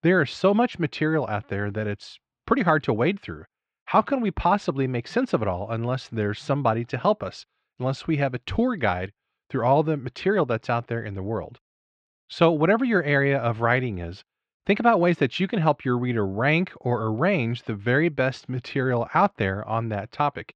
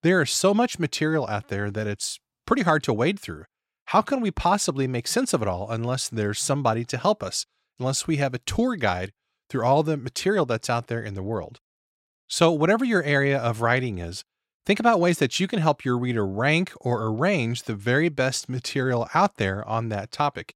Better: second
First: muffled; slightly; fading above 3 kHz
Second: none

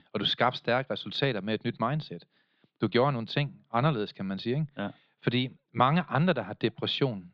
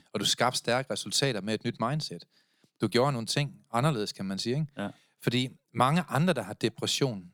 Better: second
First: muffled; slightly; fading above 3.5 kHz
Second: none

